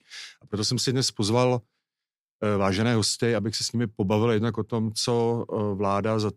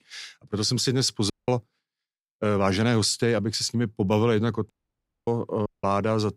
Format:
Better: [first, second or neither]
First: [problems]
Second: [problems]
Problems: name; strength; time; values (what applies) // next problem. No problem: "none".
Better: first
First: none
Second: audio cutting out; at 1.5 s, at 4.5 s for 0.5 s and at 5.5 s